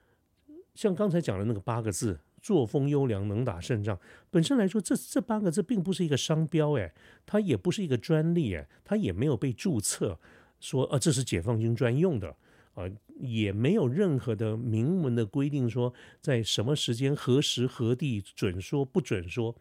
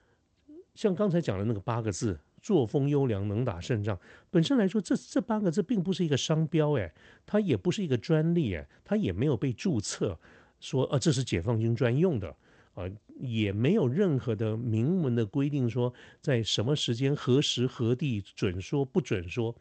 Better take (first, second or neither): first